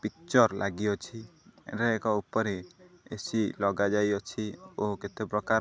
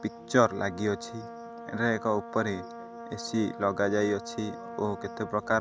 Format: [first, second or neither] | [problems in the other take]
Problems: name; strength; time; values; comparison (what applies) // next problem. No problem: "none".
first | background sound (Brass instrument); 12 dB below the speech